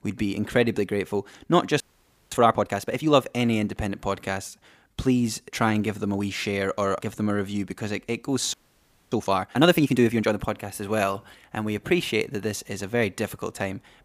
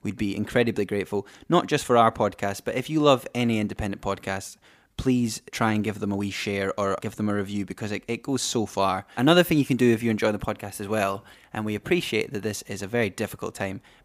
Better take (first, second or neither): second